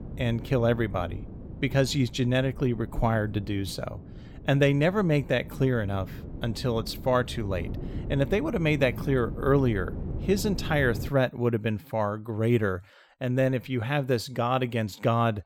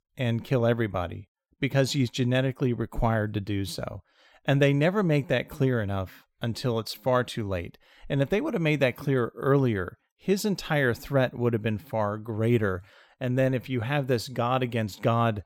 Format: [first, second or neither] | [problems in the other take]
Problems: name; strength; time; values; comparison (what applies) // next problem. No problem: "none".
second | wind noise on the microphone; occasional gusts; until 11 s; 20 dB below the speech